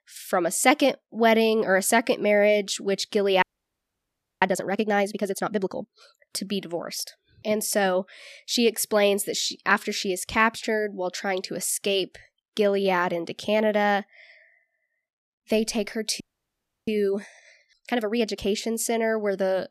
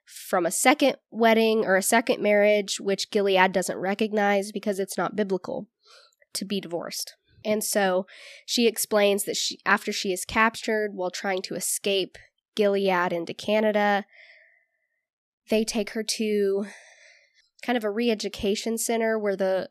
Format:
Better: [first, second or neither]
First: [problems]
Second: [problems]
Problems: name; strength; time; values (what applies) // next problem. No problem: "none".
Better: second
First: audio freezing; at 3.5 s for 1 s and at 16 s for 0.5 s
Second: none